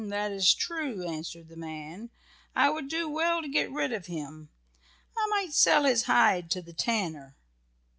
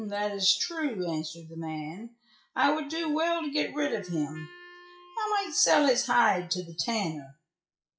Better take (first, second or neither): first